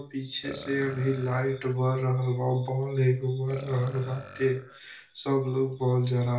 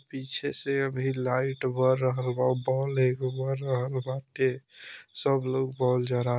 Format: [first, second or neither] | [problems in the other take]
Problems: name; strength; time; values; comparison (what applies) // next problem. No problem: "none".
second | background sound (Burping, eructation); 19 dB below the speech // room echo; dies away in 0.4 s